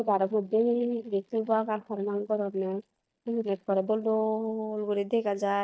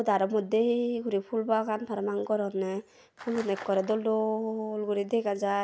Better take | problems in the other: second | noise reduction (neural mask model DeepFilterNet 3)

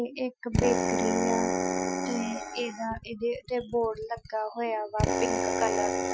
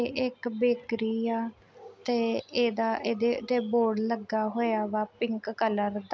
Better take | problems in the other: second | noise reduction (classical method Wiener filter)

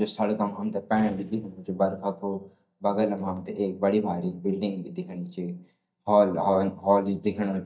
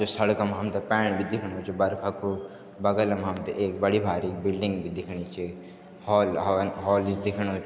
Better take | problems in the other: second | noise reduction (neural mask model DeepFilterNet 3)

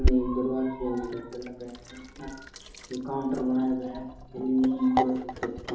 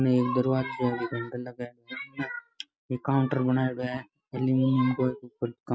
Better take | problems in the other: second | background sound (Sink (filling or washing)); 3 dB below the speech // room echo; dies away in 2.8 s

